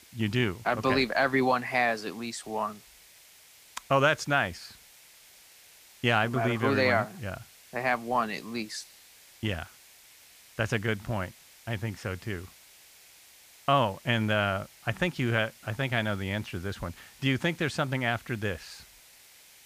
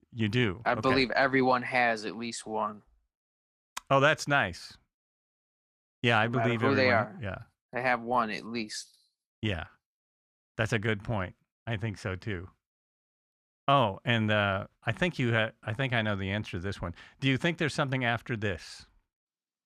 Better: second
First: hiss; faint; throughout; 25 dB below the speech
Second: none

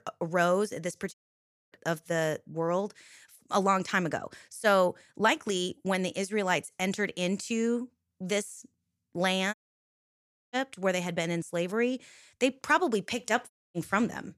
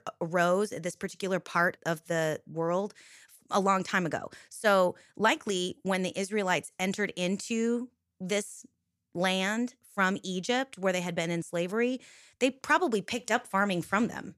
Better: second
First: audio cutting out; at 1 s for 0.5 s, at 9.5 s for 1 s and at 14 s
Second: none

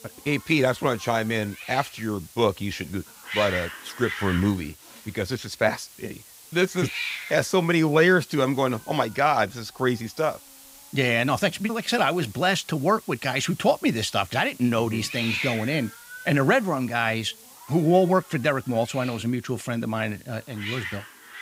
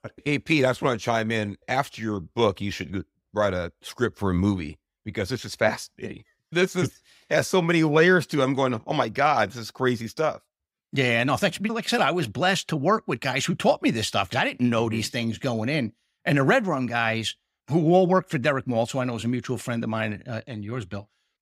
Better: second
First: hiss; noticeable; throughout; 15 dB below the speech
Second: none

